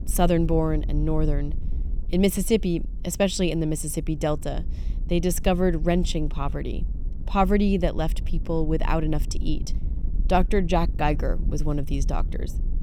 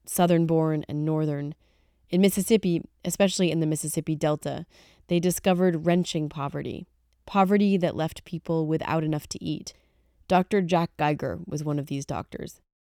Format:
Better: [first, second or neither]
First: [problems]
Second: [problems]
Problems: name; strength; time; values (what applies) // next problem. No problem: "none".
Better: second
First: wind noise on the microphone; occasional gusts; 20 dB below the speech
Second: none